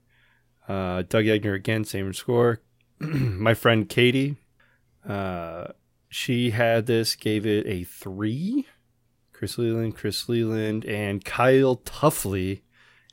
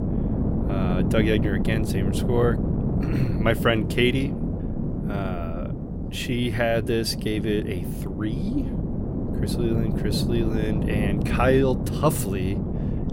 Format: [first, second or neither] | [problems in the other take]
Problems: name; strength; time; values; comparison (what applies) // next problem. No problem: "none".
first | wind noise on the microphone; heavy; 7 dB below the speech